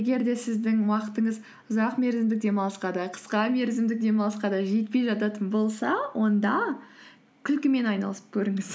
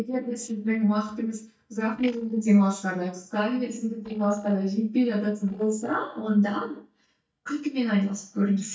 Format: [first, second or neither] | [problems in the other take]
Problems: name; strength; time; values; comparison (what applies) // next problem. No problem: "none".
first | noise reduction (neural mask model DeepFilterNet 3)